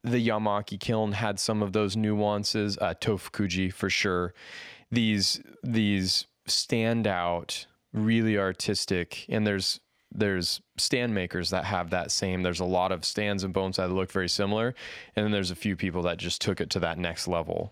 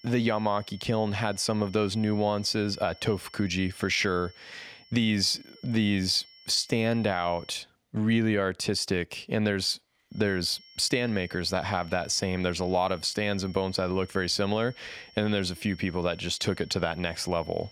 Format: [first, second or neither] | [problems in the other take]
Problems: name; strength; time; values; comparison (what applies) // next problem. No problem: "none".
first | high-pitched whine; faint; until 7.5 s and from 10 s on; 5.5 kHz, 25 dB below the speech